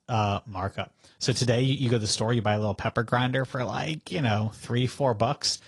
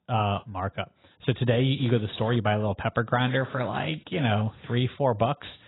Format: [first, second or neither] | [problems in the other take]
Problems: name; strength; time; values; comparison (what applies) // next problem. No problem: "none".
first | garbled, watery; badly; nothing above 4 kHz; slightly in the first